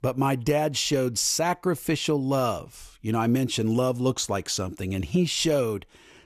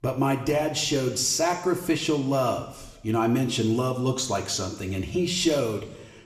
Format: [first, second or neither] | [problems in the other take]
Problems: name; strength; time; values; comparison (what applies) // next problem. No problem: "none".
first | room echo; slight; dies away in 0.9 s